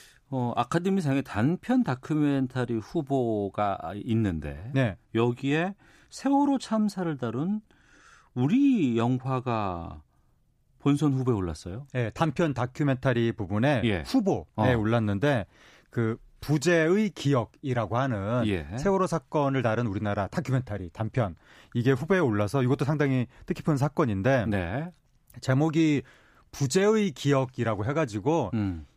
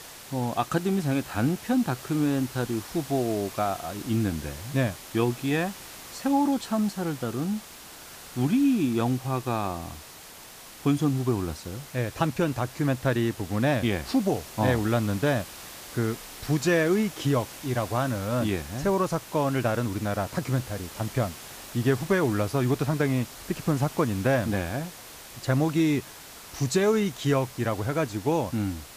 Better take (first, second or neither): first